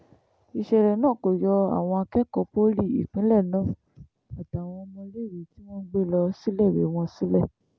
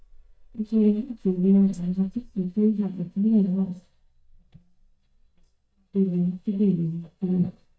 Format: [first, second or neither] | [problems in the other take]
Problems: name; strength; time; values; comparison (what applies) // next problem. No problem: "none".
first | noise reduction (neural mask model DeepFilterNet 3)